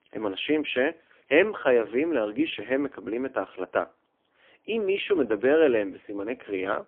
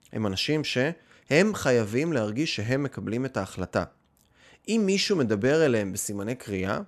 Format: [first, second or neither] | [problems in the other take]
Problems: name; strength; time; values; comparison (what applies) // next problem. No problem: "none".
second | phone-call audio; poor line; nothing above 3.5 kHz